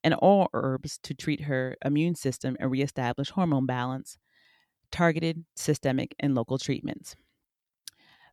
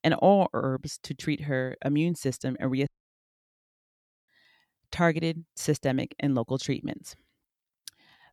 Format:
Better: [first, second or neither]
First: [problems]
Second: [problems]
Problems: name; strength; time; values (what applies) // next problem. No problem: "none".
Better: first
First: none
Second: audio cutting out; at 3 s for 1.5 s